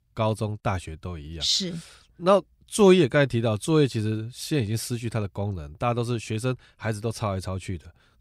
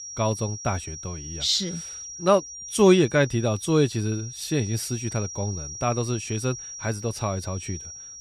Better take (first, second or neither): first